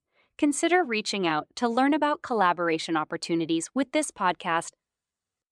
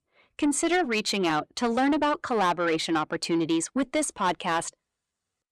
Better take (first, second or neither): first